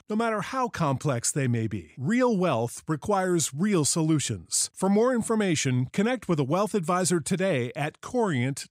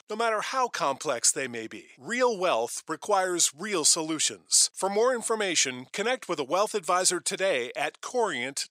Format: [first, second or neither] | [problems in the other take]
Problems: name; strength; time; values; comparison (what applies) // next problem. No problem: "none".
first | thin; very; fading below 500 Hz